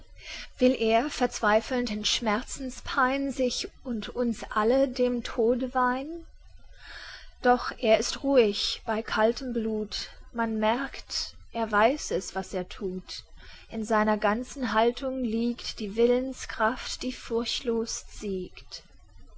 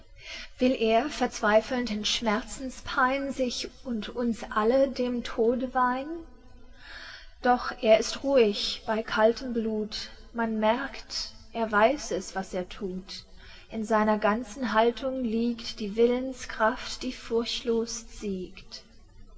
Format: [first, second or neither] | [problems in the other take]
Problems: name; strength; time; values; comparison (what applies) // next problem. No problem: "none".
first | room echo; dies away in 2.7 s